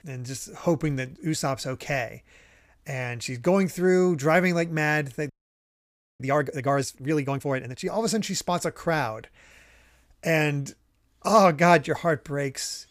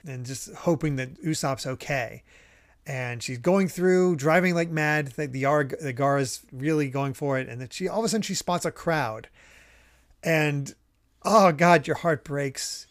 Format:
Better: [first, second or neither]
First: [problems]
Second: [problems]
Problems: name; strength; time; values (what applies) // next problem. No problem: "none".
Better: second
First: audio freezing; at 5.5 s for 1 s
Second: none